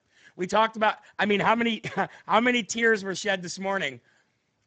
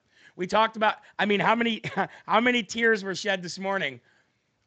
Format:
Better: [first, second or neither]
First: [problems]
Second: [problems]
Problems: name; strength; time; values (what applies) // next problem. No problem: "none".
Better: second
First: garbled, watery; badly; nothing above 7.5 kHz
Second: garbled, watery; slightly; nothing above 7.5 kHz